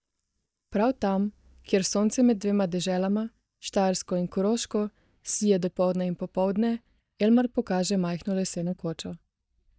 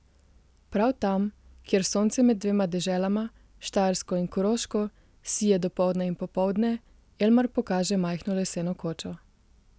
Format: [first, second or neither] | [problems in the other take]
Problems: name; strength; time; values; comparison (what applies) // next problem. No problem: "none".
second | noise reduction (neural mask model DeepFilterNet 3)